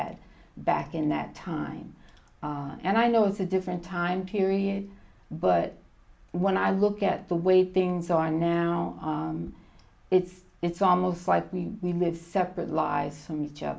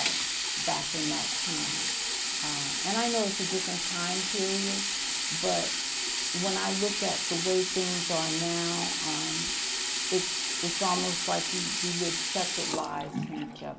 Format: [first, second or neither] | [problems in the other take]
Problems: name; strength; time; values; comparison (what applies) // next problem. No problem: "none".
first | background sound (Sink (filling or washing)); 3 dB above the speech